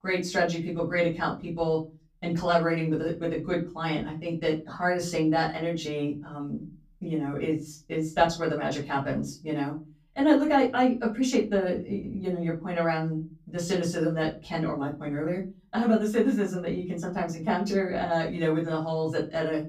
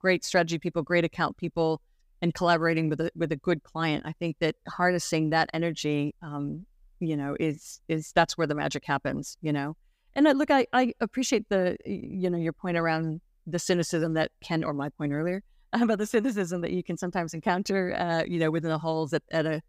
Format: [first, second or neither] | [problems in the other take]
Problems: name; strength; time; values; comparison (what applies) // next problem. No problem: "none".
second | off-mic speech; far // room echo; slight; dies away in 0.3 s